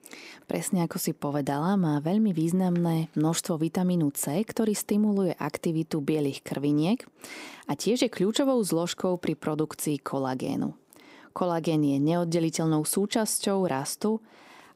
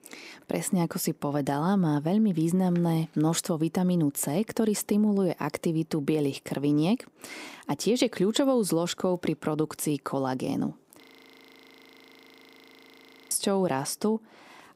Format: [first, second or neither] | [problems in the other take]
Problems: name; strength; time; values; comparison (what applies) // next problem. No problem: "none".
first | audio freezing; at 11 s for 2.5 s